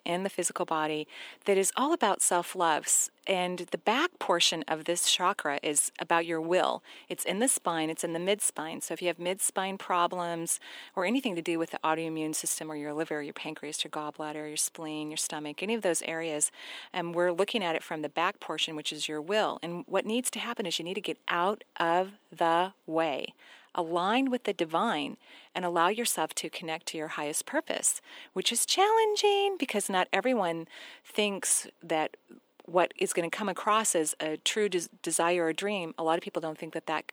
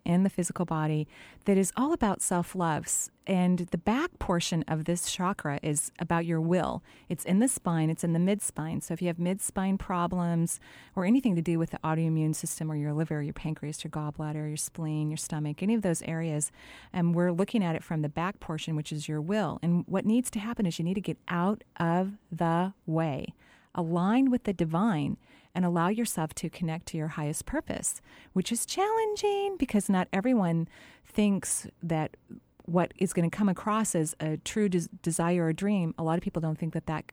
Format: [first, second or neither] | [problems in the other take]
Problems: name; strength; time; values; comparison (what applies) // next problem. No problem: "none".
second | thin; somewhat; fading below 350 Hz